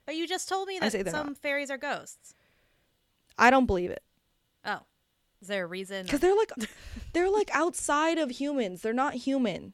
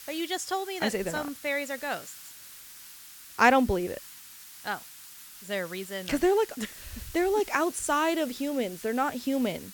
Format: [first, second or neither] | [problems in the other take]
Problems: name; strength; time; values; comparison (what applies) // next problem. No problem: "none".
first | hiss; noticeable; throughout; 15 dB below the speech